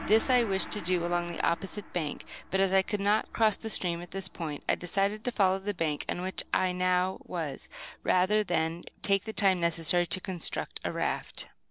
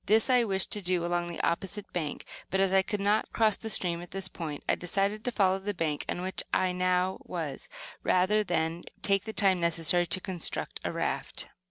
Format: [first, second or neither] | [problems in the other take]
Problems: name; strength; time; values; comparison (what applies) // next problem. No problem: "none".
second | background sound (Gong); 18 dB below the speech